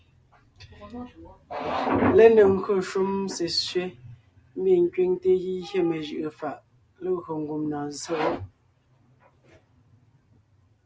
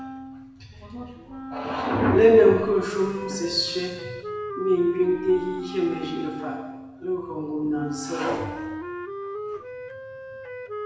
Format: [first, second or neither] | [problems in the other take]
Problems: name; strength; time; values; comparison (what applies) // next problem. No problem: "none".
first | background sound (Wind instrument, woodwind instrument); 10 dB below the speech // room echo; dies away in 1.1 s